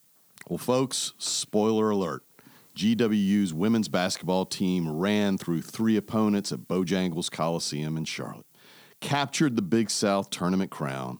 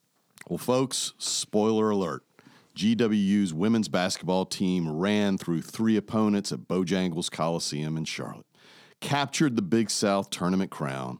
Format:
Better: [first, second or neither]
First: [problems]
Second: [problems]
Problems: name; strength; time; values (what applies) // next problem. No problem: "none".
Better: second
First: hiss; faint; throughout; 30 dB below the speech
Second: none